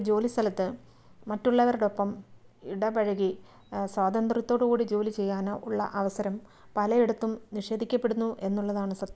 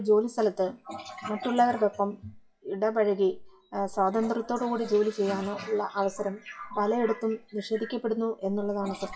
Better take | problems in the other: first | noise reduction (classical method WPE with log-MMSE)

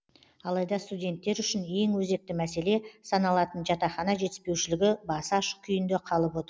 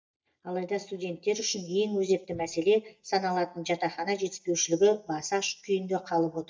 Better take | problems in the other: first | noise reduction (neural mask model DeepFilterNet 3)

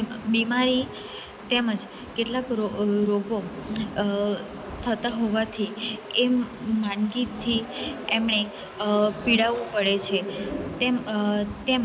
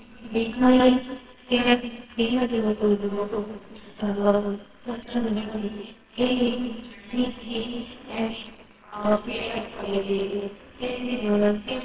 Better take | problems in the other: first | noise reduction (neural separator model SepFormer WHAMR!)

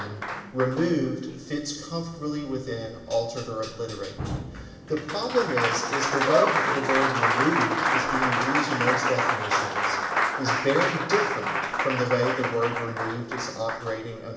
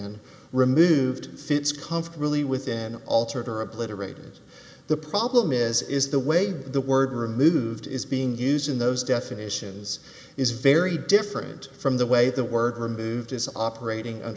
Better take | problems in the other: second | background sound (Applause); 1 dB above the speech // room echo; dies away in 1.2 s

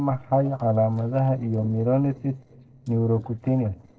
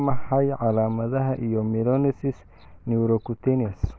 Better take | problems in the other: second | noise reduction (neural separator model SepFormer DNS4)

